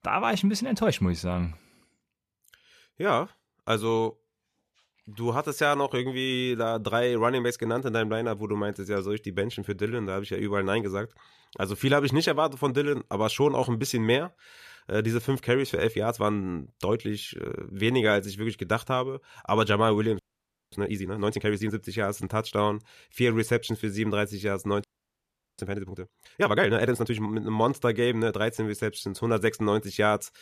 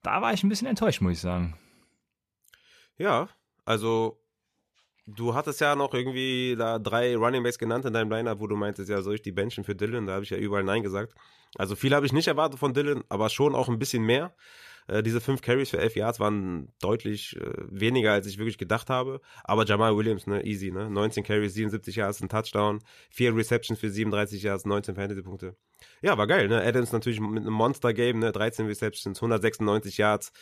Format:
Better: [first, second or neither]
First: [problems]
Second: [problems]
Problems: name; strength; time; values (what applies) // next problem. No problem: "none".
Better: second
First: audio freezing; at 20 s for 0.5 s and at 25 s for 0.5 s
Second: none